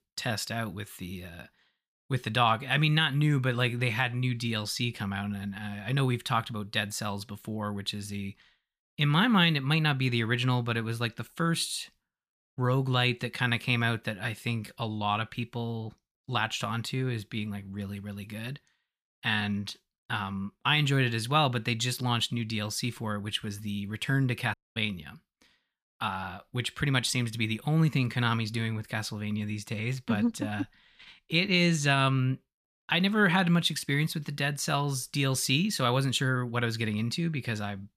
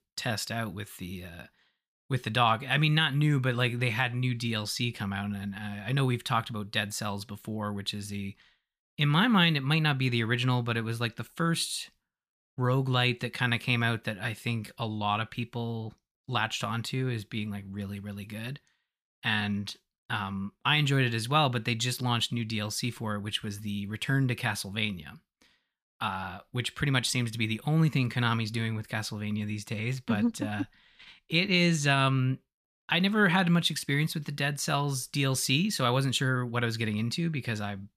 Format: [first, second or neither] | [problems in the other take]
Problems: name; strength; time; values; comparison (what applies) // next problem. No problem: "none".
second | audio cutting out; at 25 s